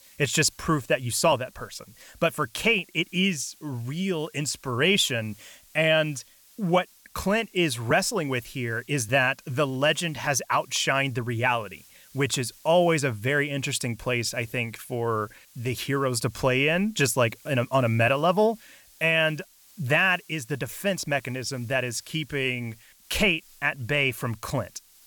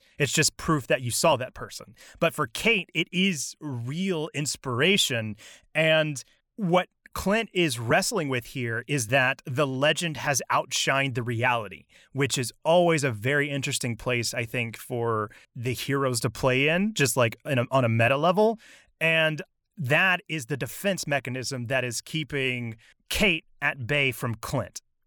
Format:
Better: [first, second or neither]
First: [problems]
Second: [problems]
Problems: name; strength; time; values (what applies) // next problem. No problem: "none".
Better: second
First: hiss; faint; throughout; 25 dB below the speech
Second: none